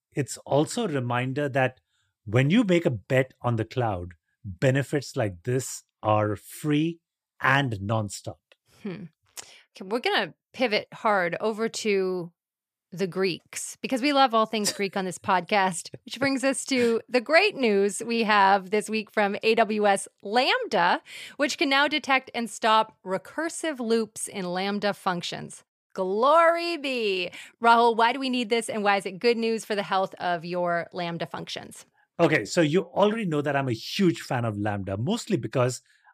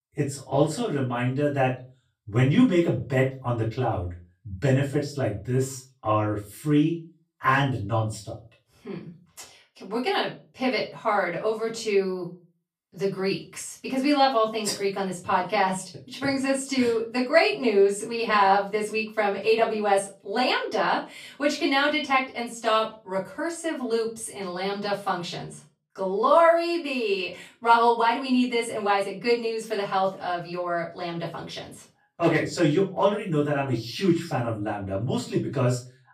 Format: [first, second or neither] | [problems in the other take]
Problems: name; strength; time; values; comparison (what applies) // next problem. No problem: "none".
first | off-mic speech; far // room echo; slight; dies away in 0.3 s